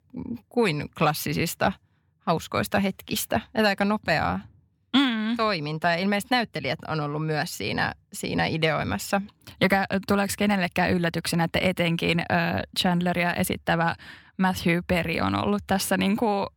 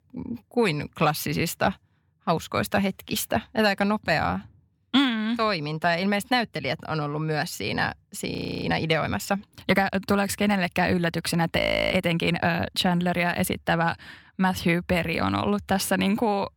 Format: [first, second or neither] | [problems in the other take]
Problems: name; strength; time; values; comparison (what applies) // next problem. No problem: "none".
first | audio freezing; at 8.5 s and at 12 s